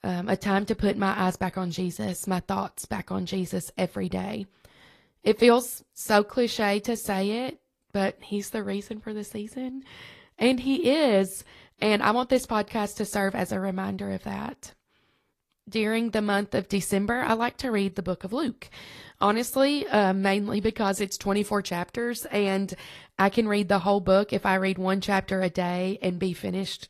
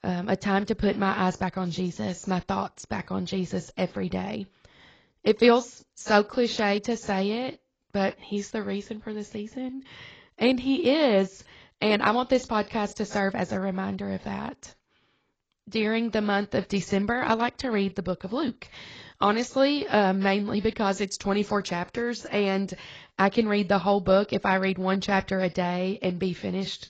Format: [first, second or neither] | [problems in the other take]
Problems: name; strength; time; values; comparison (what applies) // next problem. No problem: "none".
first | garbled, watery; badly; nothing above 7.5 kHz; slightly in the first